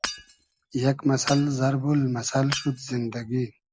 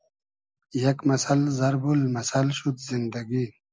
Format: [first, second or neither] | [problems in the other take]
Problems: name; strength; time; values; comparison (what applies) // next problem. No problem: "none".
second | background sound (Shatter / Hammer); 13 dB below the speech